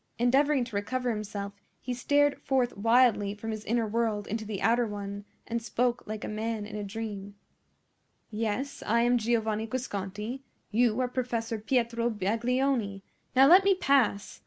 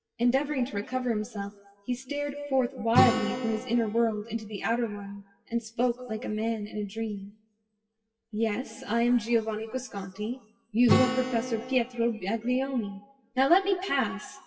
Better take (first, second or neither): first